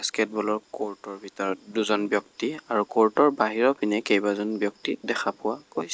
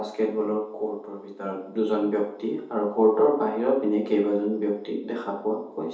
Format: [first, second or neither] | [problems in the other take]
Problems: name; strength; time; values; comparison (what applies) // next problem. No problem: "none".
first | room echo; dies away in 0.8 s